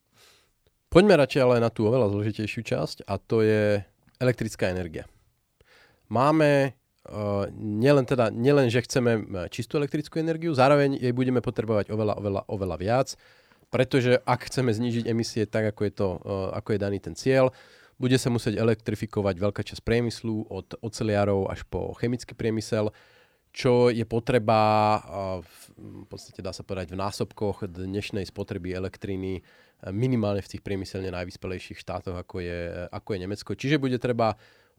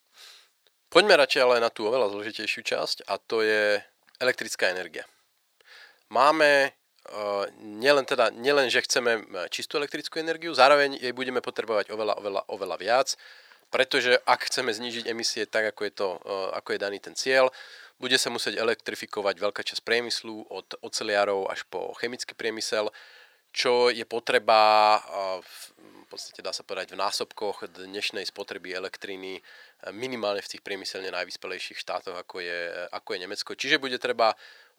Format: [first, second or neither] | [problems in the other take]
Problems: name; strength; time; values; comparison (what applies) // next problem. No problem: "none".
first | thin; very; fading below 600 Hz